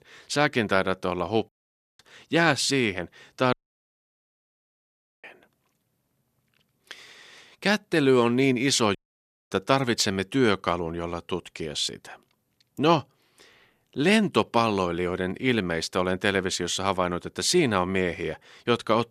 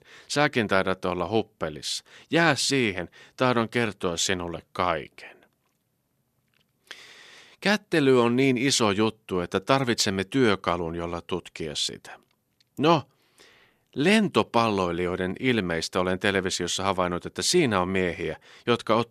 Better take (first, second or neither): second